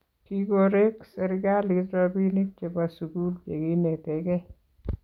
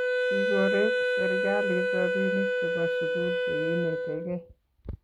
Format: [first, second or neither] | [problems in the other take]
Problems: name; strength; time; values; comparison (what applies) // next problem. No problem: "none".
first | background sound (Wind instrument, woodwind instrument); 5 dB above the speech